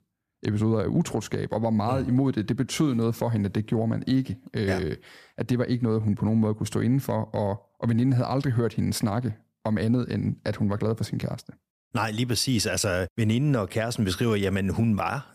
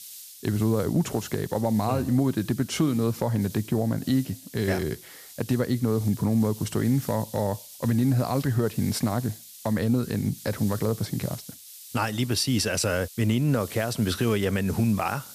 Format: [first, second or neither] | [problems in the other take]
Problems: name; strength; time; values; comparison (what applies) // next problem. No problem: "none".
first | hiss; noticeable; throughout; 15 dB below the speech